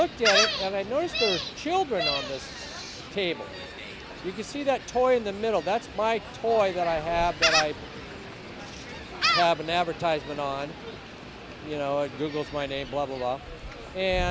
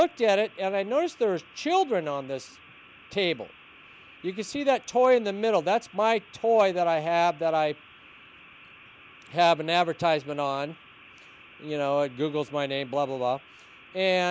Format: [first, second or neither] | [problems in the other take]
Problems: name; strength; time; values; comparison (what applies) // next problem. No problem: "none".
second | background sound (Gull, seagull); 4 dB below the speech